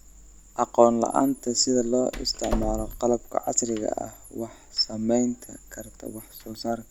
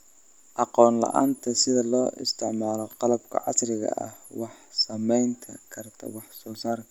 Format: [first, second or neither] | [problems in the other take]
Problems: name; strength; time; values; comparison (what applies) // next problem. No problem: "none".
second | background sound (Door); 13 dB below the speech